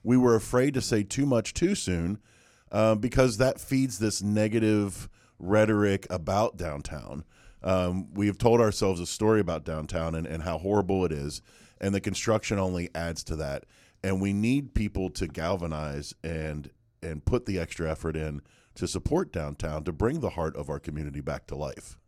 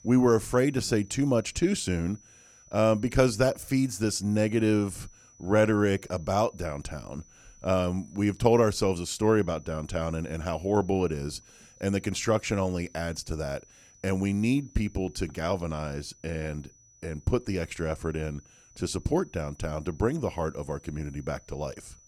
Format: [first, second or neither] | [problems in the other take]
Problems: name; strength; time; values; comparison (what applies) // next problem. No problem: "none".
first | high-pitched whine; faint; throughout; 6 kHz, 25 dB below the speech